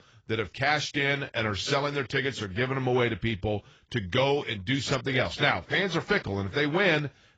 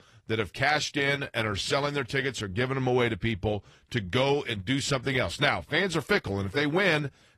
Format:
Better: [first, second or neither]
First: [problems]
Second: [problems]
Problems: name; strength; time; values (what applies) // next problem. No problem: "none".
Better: second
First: garbled, watery; badly; nothing above 7.5 kHz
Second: garbled, watery; slightly; nothing above 14 kHz